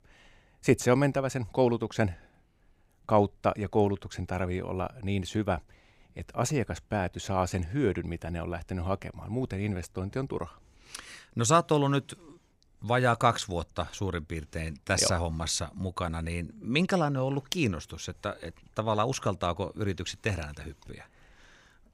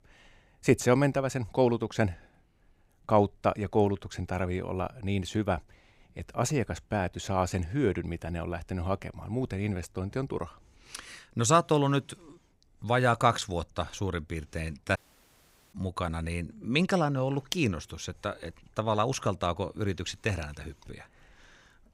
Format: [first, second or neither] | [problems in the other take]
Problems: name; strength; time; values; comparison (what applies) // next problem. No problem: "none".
first | audio cutting out; at 15 s for 1 s